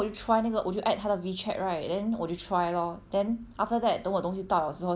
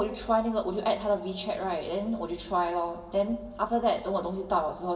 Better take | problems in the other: first | room echo; dies away in 2.9 s

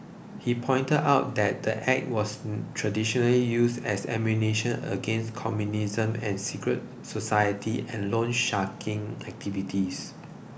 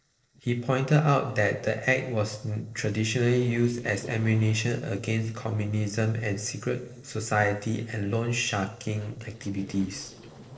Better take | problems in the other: first | noise reduction (neural separator model SepFormer DNS4)

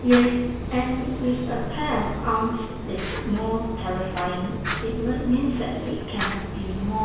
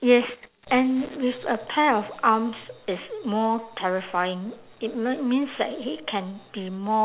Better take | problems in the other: second | background sound (Fire); 5 dB below the speech // room echo; dies away in 1 s

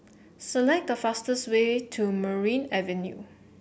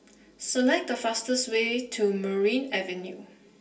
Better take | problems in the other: first | room echo; dies away in 0.3 s

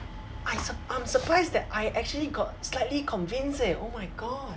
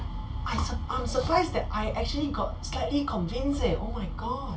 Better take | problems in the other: first | room echo; dies away in 0.2 s

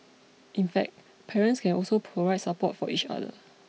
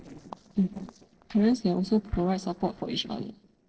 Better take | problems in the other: first | noise reduction (neural separator model SepFormer DNS4)

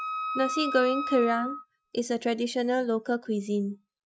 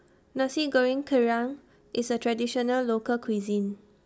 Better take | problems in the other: second | noise reduction (classical method Wiener filter)

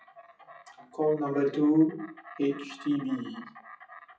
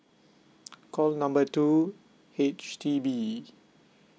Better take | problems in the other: second | noise reduction (classical method WPE with log-MMSE)

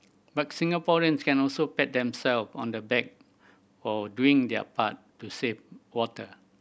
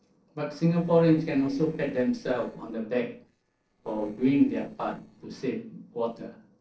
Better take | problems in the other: first | noise reduction (neural separator model SepFormer DNS4)

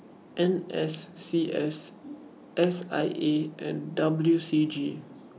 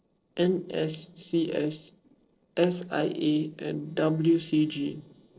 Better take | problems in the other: first | noise reduction (neural separator model SepFormer DNS4)

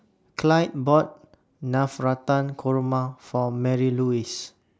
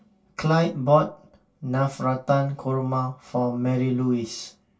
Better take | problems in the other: first | room echo; dies away in 0.2 s

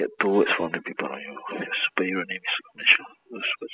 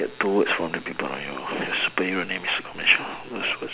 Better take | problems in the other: second | noise reduction (classical method spectral subtraction)

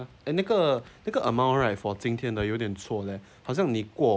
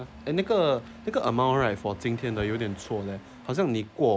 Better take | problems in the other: first | background sound (Engine starting / Accelerating, revving, vroom / Motor vehicle (road)); 19 dB below the speech

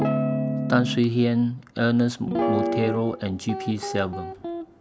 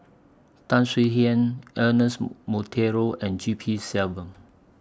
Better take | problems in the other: second | background sound (Guitar); 3 dB below the speech

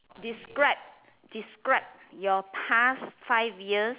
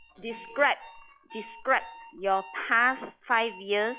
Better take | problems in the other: first | noise reduction (classical method log-MMSE)

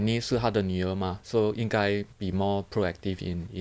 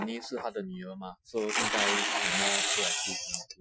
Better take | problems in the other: first | noise reduction (classical method Wiener filter)

